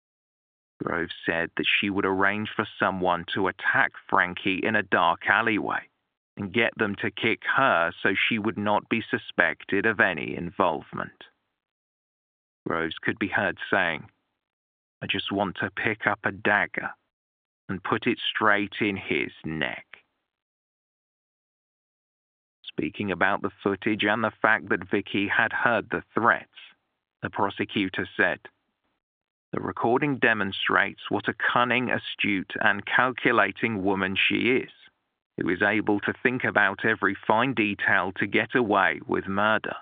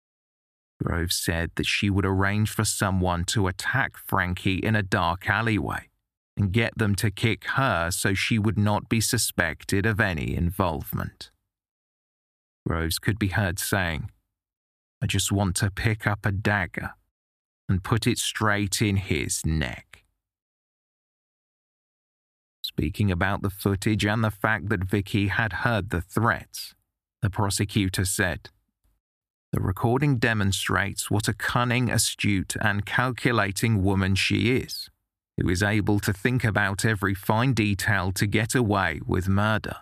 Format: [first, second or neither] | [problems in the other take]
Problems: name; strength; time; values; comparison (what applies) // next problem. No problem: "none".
second | phone-call audio; nothing above 3 kHz